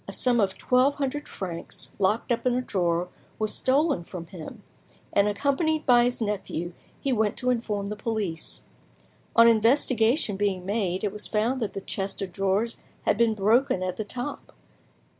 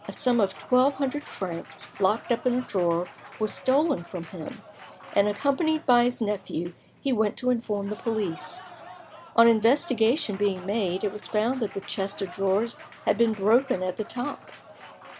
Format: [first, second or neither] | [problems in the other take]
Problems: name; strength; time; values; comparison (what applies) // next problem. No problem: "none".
first | background sound (Applause); 20 dB below the speech